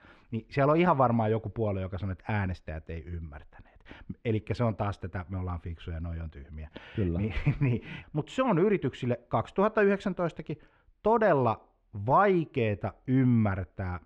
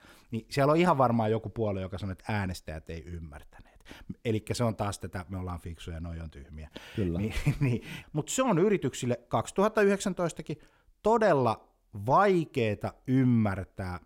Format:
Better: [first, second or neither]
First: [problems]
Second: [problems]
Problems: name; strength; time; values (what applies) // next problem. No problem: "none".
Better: second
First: muffled; very; fading above 2.5 kHz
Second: none